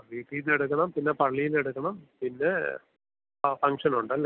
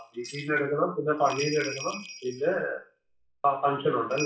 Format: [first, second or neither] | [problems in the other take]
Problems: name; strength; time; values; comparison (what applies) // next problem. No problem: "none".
first | noise reduction (classical method WPE with log-MMSE)